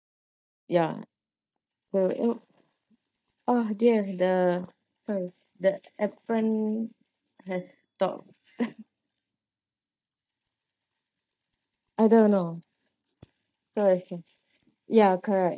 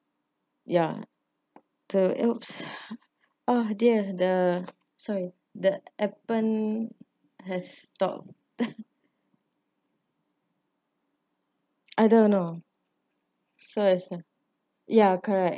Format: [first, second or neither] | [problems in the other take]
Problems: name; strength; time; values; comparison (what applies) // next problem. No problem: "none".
second | noise reduction (neural mask model DeepFilterNet 3)